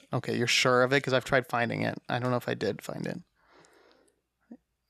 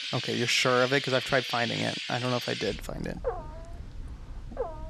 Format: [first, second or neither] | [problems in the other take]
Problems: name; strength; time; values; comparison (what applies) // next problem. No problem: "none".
first | animal sounds; loud; throughout; 6 dB below the speech